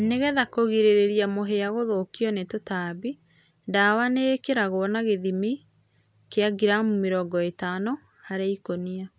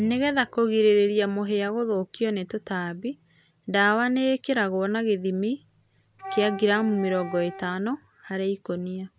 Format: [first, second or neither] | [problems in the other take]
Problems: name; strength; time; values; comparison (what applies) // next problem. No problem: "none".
first | background sound (Wind instrument, woodwind instrument); 14 dB below the speech